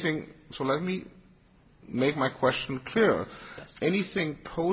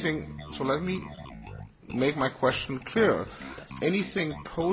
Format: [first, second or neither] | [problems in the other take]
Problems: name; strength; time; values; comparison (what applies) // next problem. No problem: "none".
first | background sound (Bass guitar); 14 dB below the speech